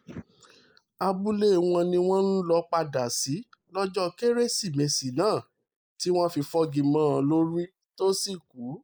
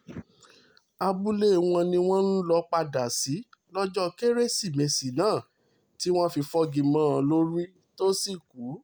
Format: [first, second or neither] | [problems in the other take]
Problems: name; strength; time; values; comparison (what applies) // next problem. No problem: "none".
second | noise reduction (neural mask model Resemble Enhance denoiser)